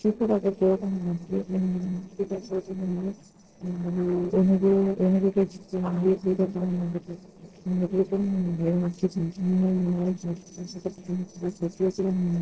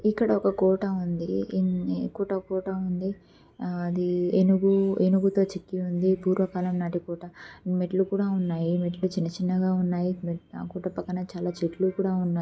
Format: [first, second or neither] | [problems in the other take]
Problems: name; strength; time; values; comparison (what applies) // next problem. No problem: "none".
second | noise reduction (neural separator model SepFormer DNS4)